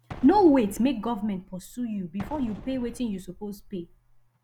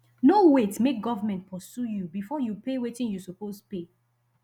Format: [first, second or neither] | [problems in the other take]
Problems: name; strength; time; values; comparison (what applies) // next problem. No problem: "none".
second | background sound (Explosion); 18 dB below the speech